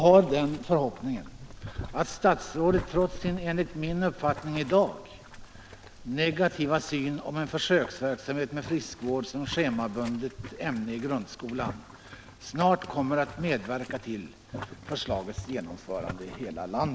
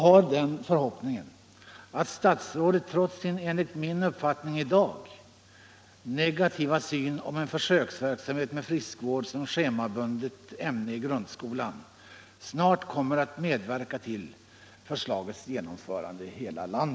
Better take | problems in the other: second | background sound (Boiling); 14 dB below the speech

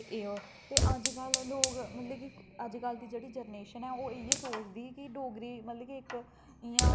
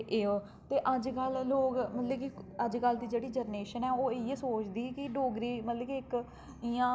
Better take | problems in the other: second | background sound (Fire); 5 dB above the speech

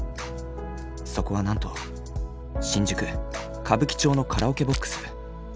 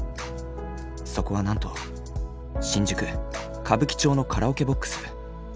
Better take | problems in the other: second | background sound (Rattle); 14 dB below the speech

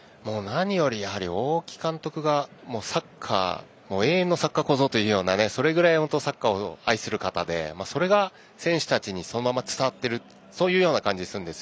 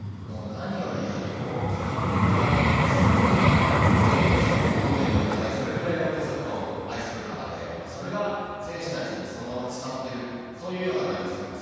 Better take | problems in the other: first | background sound (Vehicle); 5 dB above the speech // room echo; dies away in 2.1 s

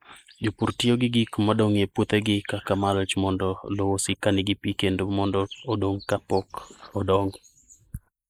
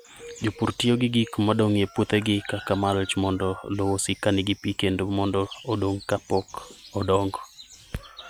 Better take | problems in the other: second | noise reduction (neural mask model Resemble Enhance denoiser)

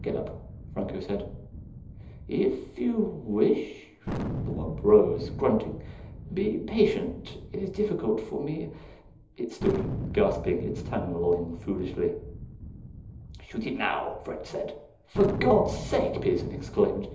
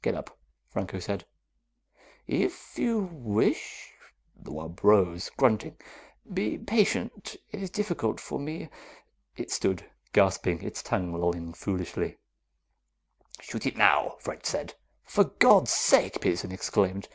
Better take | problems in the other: second | background sound (Thunder); 9 dB below the speech // room echo; dies away in 1.2 s

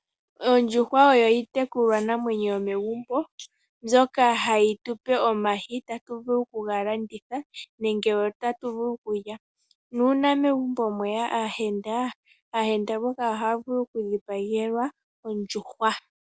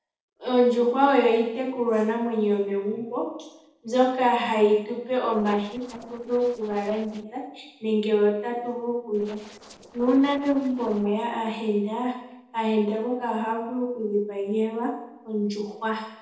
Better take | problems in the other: first | noise reduction (neural separator model SepFormer DNS4)

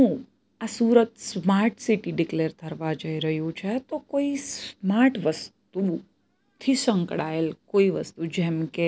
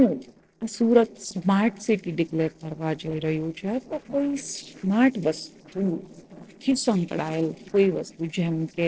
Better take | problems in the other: first | noise reduction (neural separator model SepFormer DNS4)

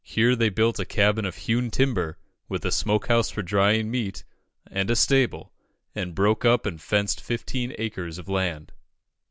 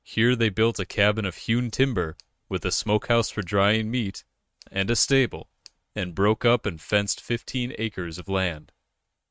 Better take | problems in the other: first | noise reduction (neural mask model RNNoise)

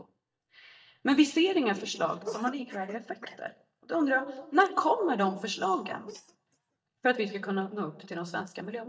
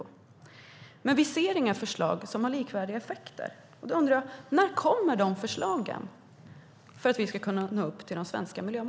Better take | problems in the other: second | noise reduction (neural mask model DeepFilterNet 3)

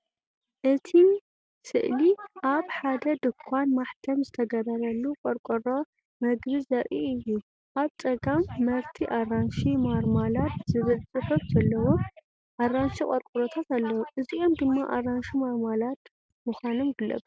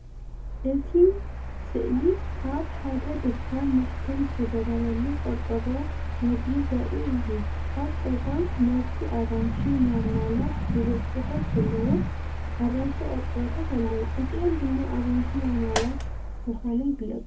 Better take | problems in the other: first | background sound (Mechanical fan); 2 dB below the speech // room echo; dies away in 0.3 s

